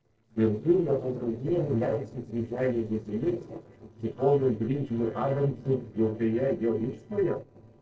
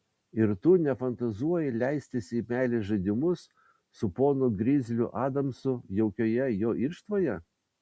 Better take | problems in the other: second | noise reduction (neural separator model SepFormer DNS4)

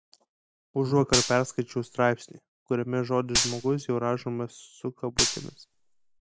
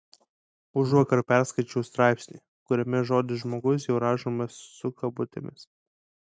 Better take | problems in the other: second | background sound (Gunshot, gunfire); 2 dB below the speech

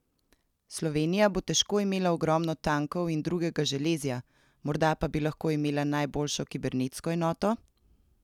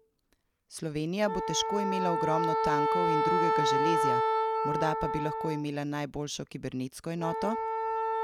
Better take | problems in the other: first | background sound (Wind instrument, woodwind instrument); 3 dB above the speech

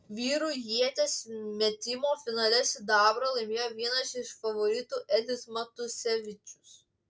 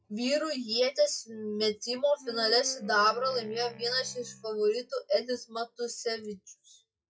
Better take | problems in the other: first | noise reduction (classical method WPE with log-MMSE)

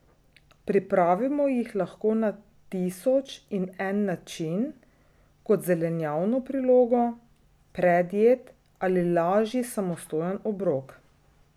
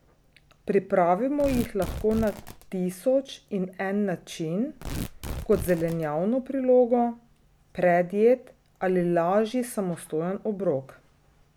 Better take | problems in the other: first | background sound (Tearing); 12 dB below the speech

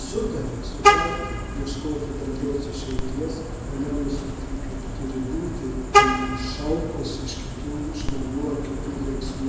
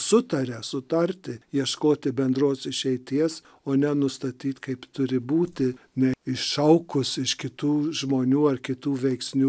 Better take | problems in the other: second | background sound (Vehicle horn, car horn, honking); 4 dB above the speech // room echo; dies away in 1.1 s

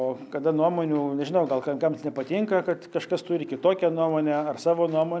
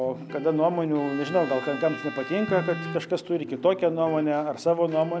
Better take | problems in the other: first | background sound (Bowed string instrument + Electric guitar); 13 dB below the speech

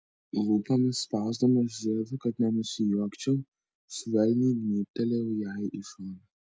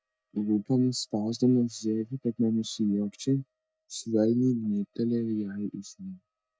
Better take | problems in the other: first | noise reduction (neural mask model DeepFilterNet 3)

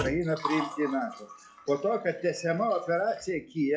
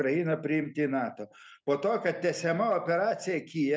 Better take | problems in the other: second | noise reduction (classical method log-MMSE)

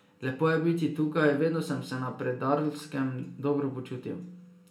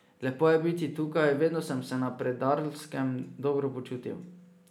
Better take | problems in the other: second | room echo; dies away in 0.2 s

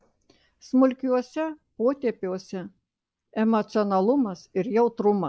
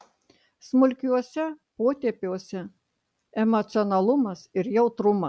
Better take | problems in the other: second | noise reduction (neural mask model Resemble Enhance denoiser)

